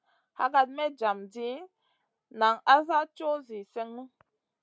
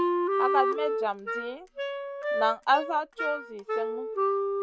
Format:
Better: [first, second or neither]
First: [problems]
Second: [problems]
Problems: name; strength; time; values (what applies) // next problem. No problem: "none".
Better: first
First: none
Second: background sound (Wind instrument, woodwind instrument); 2 dB above the speech